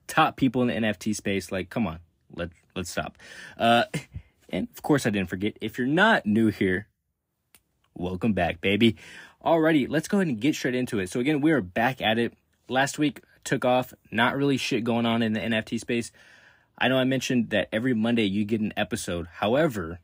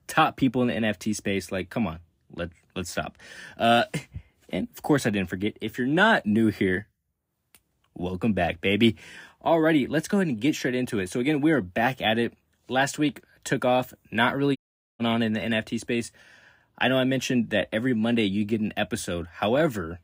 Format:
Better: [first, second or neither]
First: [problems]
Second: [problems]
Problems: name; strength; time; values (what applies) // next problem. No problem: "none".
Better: first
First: none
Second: audio cutting out; at 15 s